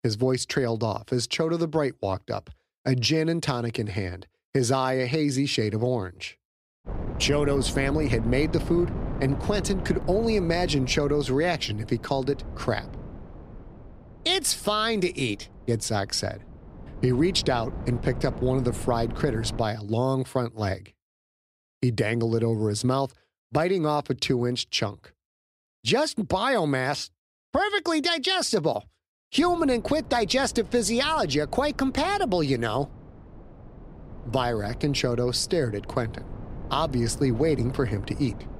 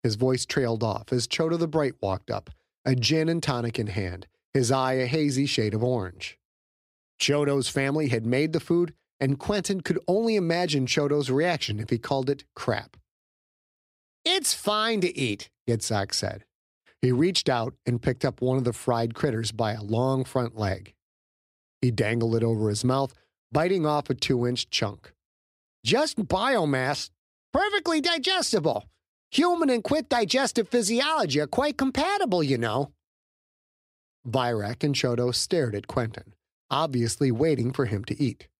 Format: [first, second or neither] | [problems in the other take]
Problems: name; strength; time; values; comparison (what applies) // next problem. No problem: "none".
second | wind noise on the microphone; occasional gusts; from 7 to 20 s and from 29 s on; 15 dB below the speech